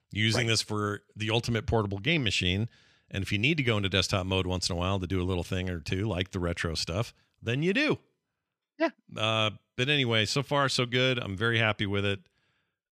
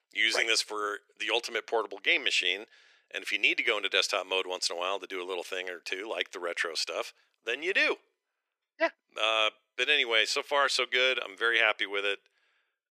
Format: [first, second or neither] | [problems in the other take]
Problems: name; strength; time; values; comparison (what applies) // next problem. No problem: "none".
first | thin; very; fading below 400 Hz